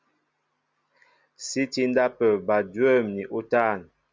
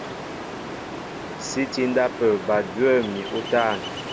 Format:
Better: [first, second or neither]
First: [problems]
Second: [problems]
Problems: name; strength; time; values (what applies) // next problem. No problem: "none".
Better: first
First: none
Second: background sound (Ocean); 8 dB below the speech